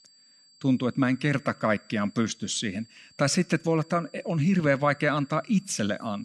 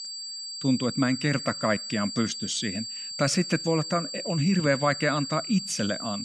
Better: first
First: high-pitched whine; faint; throughout; 4.5 kHz, 30 dB below the speech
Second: high-pitched whine; loud; throughout; 4.5 kHz, 7 dB below the speech

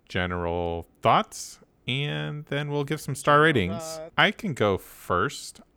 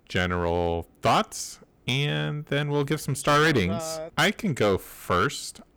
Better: first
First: none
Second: distortion; heavy; 6% of the sound clipped

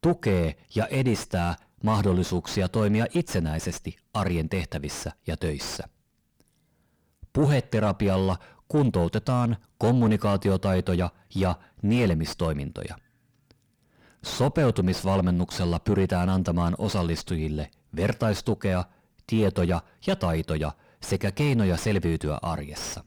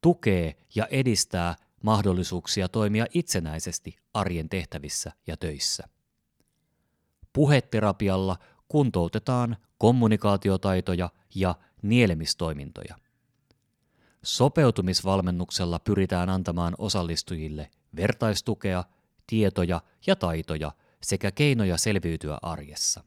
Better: second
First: distortion; heavy; 7 dB below the speech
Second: none

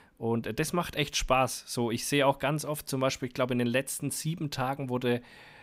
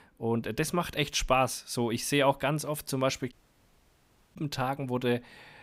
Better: first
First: none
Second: audio cutting out; at 3.5 s for 1 s

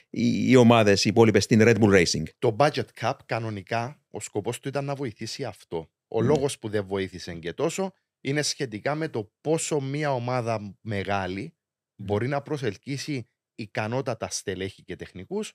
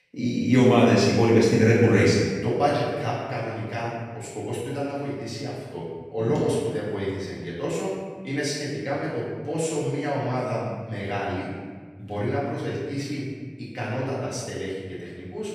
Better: first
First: none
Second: room echo; strong; dies away in 1.3 s // off-mic speech; far

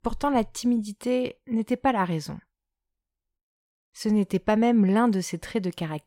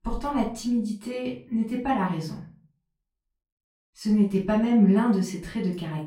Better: first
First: none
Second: off-mic speech; far // room echo; slight; dies away in 0.3 s

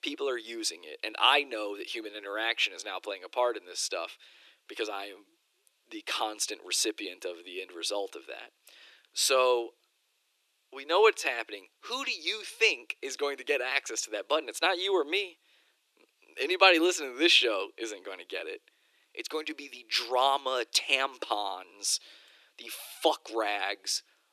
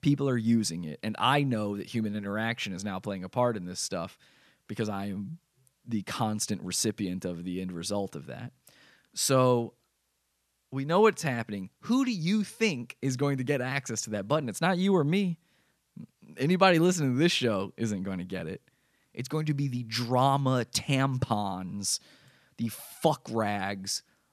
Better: second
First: thin; very; fading below 300 Hz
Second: none

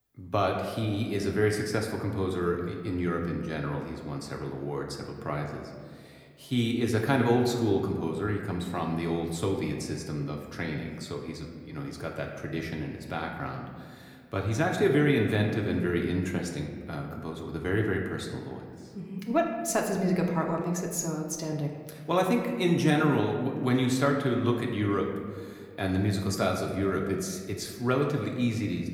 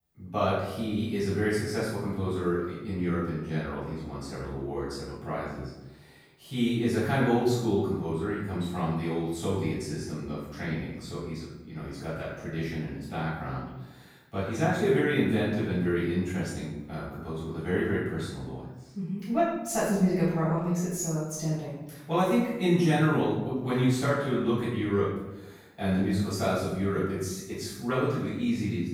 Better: first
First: room echo; slight; dies away in 1.4 s // off-mic speech; somewhat distant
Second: room echo; strong; dies away in 0.9 s // off-mic speech; far

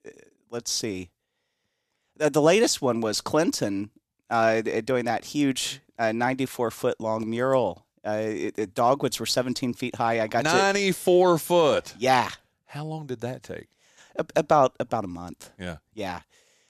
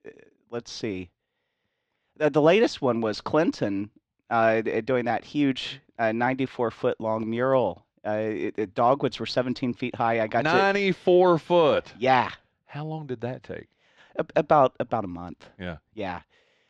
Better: first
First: none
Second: muffled; slightly; fading above 3.5 kHz

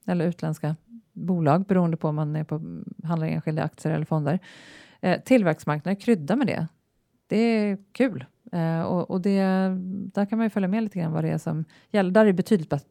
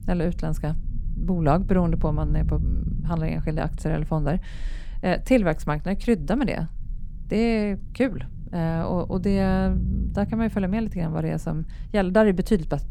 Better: first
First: none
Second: low rumble; faint; throughout; 20 dB below the speech

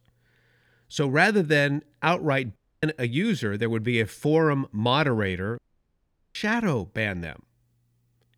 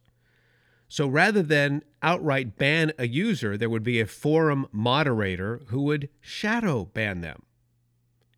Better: second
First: audio cutting out; at 2.5 s and at 5.5 s for 1 s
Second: none

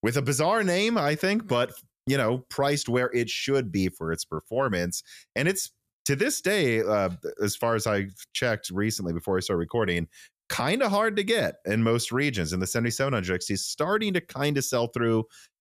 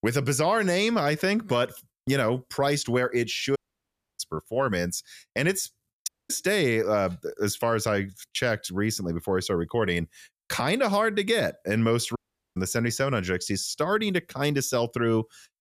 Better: first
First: none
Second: audio cutting out; at 3.5 s for 0.5 s, at 6 s and at 12 s

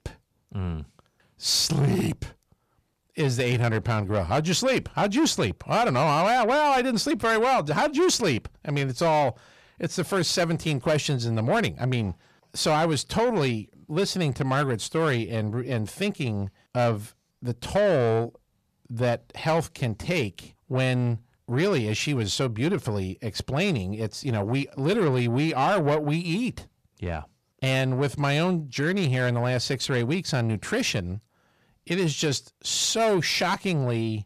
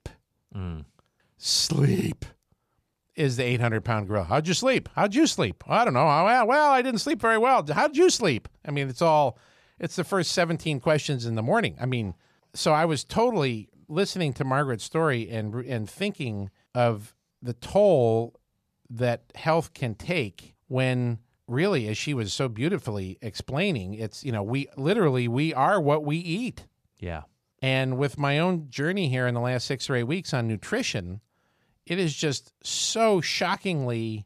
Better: second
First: distortion; slight; 10 dB below the speech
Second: none

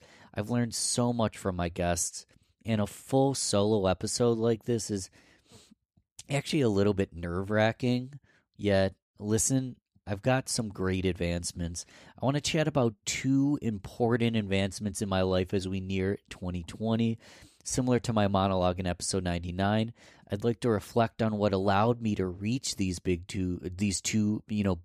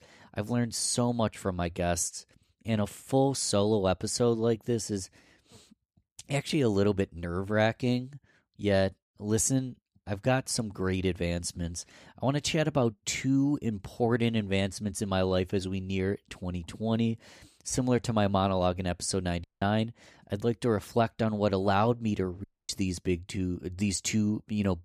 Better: first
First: none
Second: audio cutting out; at 19 s and at 22 s

